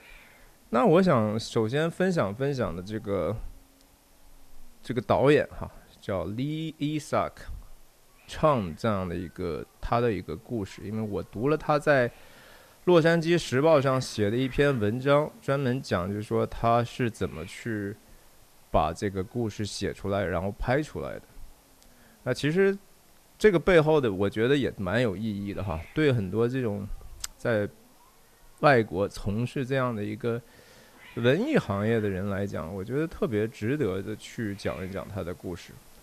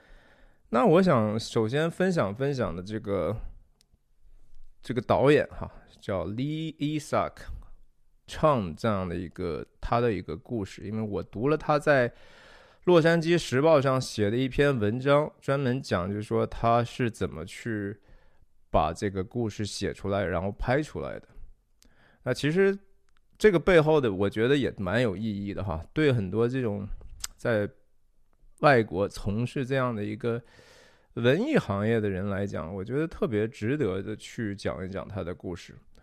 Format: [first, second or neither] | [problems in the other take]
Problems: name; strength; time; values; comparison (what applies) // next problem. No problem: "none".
second | hiss; faint; throughout; 25 dB below the speech